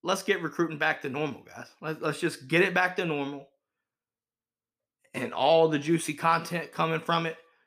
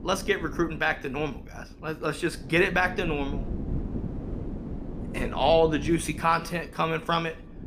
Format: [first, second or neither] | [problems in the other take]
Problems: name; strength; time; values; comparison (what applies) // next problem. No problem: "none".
first | wind noise on the microphone; occasional gusts; 20 dB below the speech